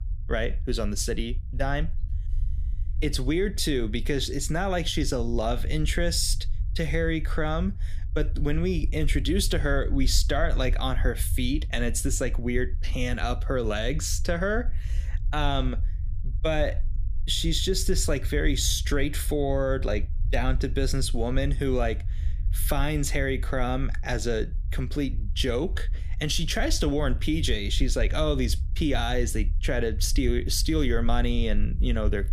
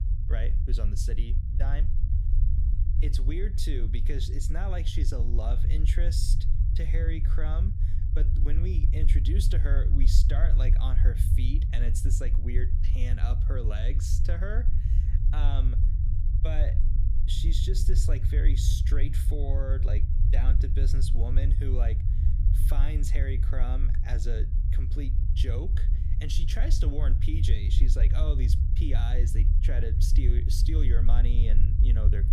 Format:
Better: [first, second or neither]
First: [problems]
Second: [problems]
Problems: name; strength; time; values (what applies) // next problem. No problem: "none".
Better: first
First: low rumble; faint; throughout; 20 dB below the speech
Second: low rumble; loud; throughout; 5 dB below the speech